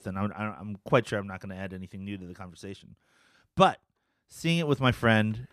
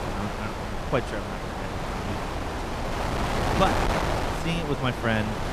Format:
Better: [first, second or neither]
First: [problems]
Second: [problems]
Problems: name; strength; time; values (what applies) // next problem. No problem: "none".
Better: first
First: none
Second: wind noise on the microphone; heavy; as loud as the speech